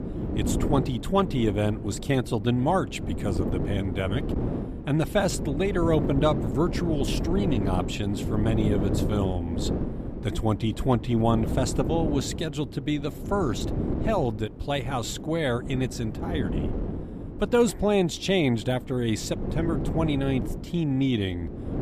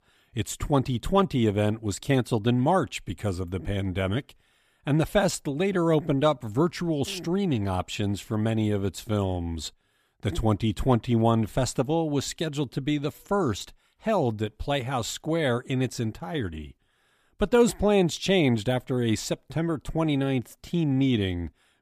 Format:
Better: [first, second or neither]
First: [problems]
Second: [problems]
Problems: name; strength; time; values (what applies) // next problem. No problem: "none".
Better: second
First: wind noise on the microphone; heavy; 8 dB below the speech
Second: none